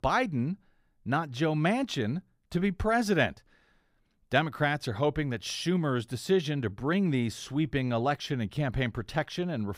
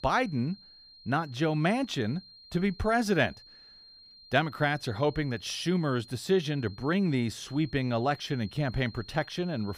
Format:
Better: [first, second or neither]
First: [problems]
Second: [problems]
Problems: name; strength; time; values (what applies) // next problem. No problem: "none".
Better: first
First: none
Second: high-pitched whine; faint; throughout; 4 kHz, 20 dB below the speech